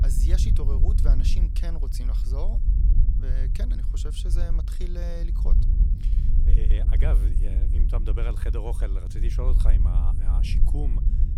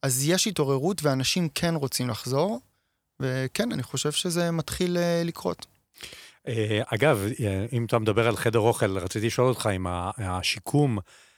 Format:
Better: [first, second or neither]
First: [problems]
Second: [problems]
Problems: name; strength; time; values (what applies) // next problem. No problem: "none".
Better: second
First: low rumble; loud; throughout; 4 dB below the speech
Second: none